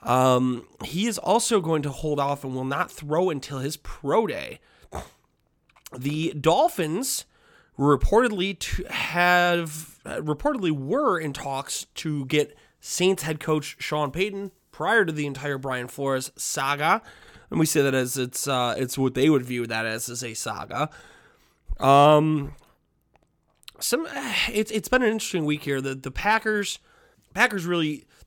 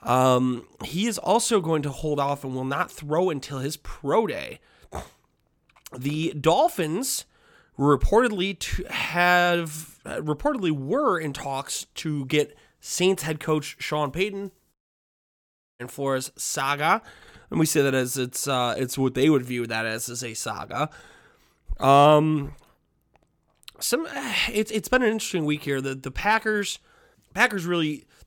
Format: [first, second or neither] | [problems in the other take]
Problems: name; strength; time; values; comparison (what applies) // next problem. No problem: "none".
first | audio cutting out; at 15 s for 1 s